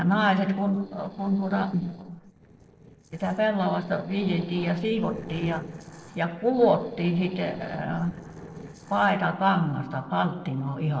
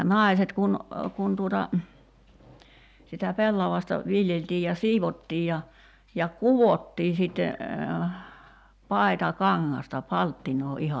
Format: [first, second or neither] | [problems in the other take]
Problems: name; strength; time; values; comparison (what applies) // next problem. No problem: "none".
second | noise reduction (neural separator model SepFormer DNS4)